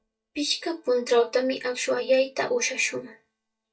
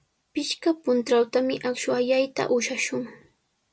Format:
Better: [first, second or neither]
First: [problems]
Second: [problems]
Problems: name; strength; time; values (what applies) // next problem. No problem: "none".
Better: second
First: noise reduction (neural mask model DeepFilterNet 3)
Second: none